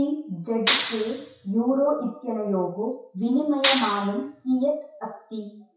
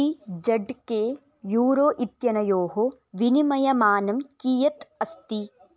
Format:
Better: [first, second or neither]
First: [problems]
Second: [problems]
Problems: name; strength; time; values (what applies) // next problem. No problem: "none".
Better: second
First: noise reduction (classical method WPE with log-MMSE)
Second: none